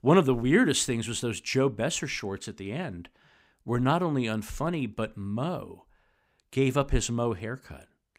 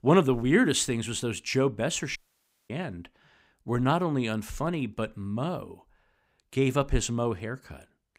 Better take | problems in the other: first | audio cutting out; at 2 s for 0.5 s

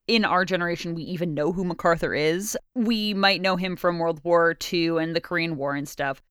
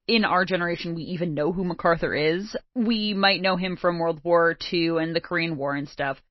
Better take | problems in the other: first | garbled, watery; slightly

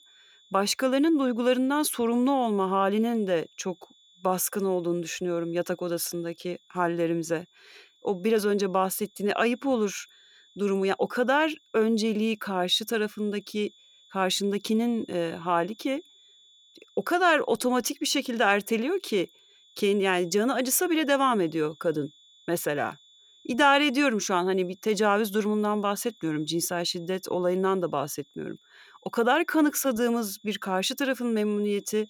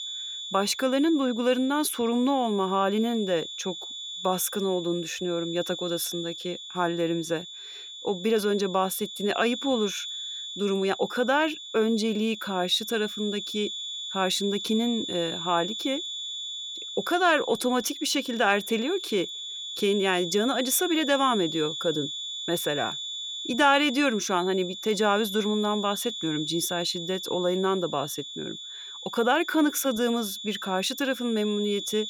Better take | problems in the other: first | high-pitched whine; loud; throughout; 3.5 kHz, 8 dB below the speech; faint in the first

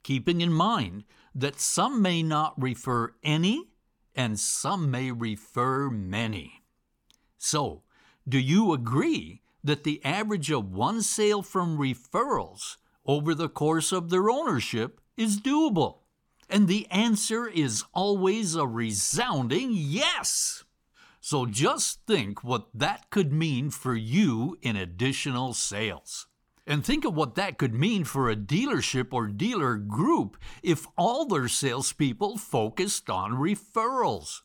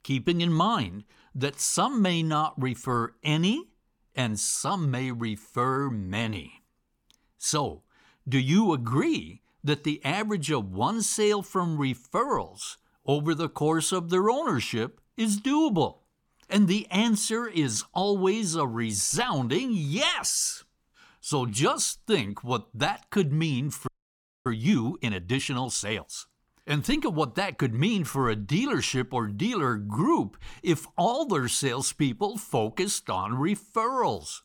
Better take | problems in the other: first | audio freezing; at 24 s for 0.5 s

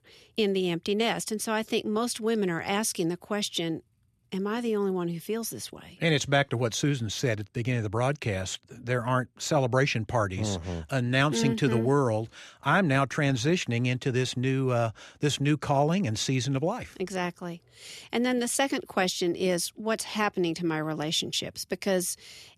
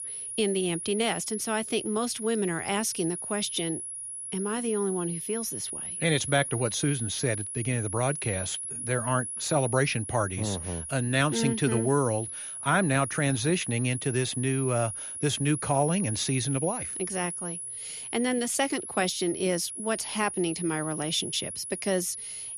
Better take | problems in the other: first | high-pitched whine; loud; throughout; 10.5 kHz, 5 dB below the speech

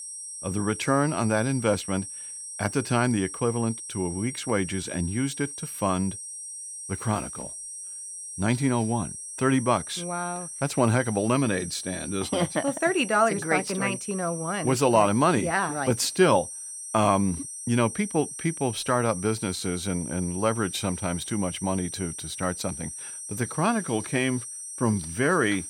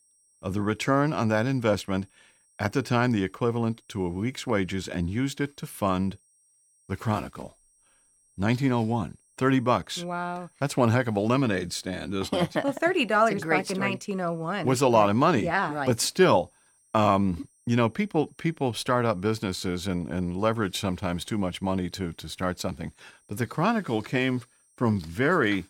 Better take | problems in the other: second | high-pitched whine; loud; throughout; 8.5 kHz, 9 dB below the speech; faint in the second

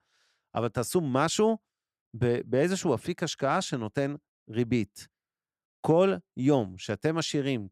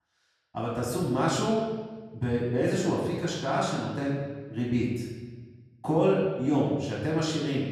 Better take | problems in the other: first | off-mic speech; far // room echo; noticeable; dies away in 1.3 s

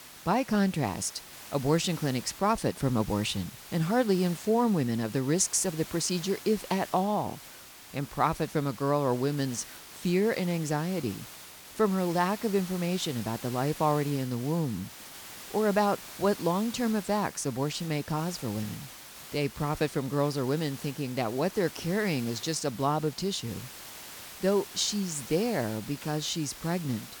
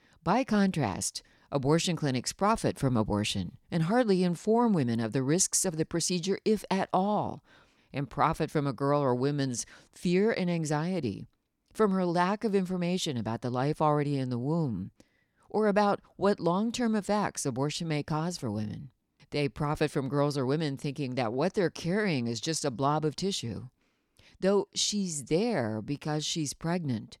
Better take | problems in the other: second | hiss; noticeable; throughout; 15 dB below the speech

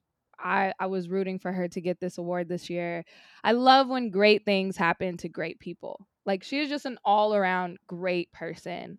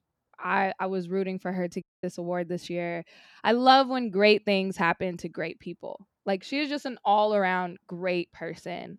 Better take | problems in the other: first | audio cutting out; at 2 s

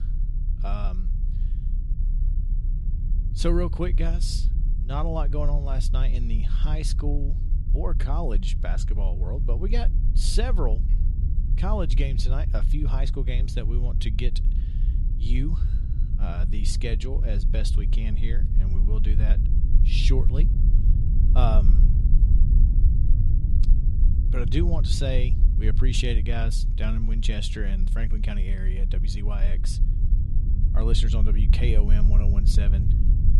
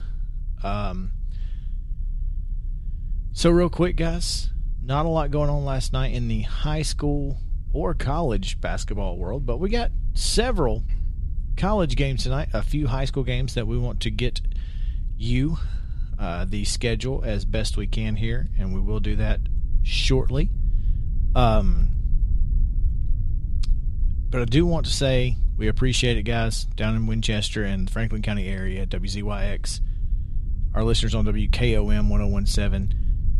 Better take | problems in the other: second | low rumble; loud; throughout; 8 dB below the speech; faint in the second

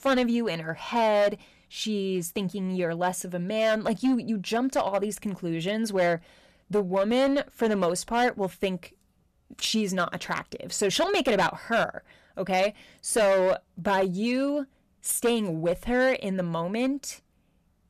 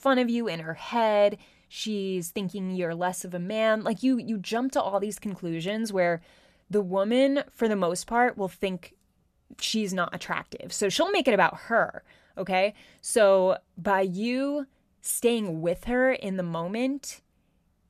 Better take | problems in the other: second | distortion; slight; 7% of the sound clipped

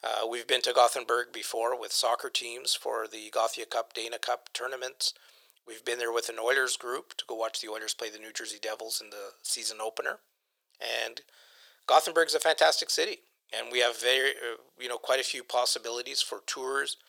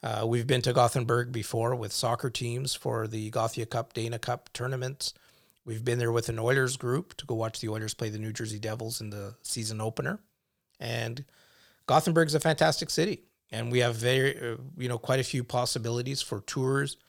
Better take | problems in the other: second | thin; very; fading below 450 Hz

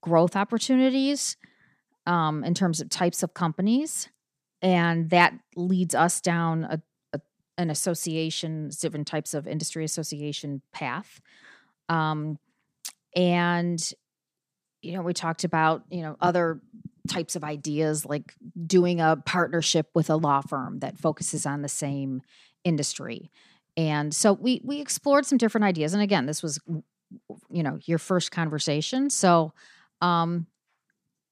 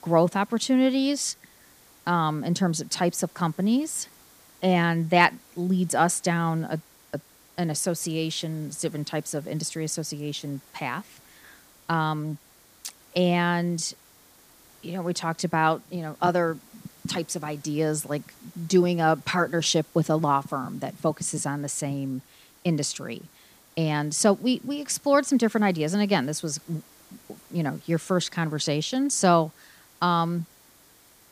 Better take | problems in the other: first | hiss; faint; throughout; 25 dB below the speech

